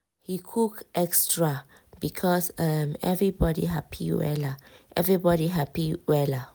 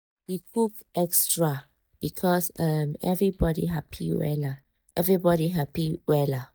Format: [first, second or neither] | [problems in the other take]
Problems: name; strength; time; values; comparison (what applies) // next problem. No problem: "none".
first | noise reduction (neural mask model DeepFilterNet 3)